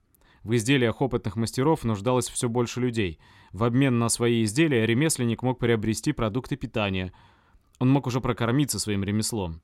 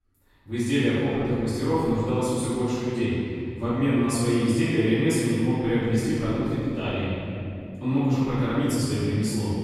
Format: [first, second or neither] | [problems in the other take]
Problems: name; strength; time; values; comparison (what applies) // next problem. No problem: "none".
first | off-mic speech; far // room echo; strong; dies away in 2.7 s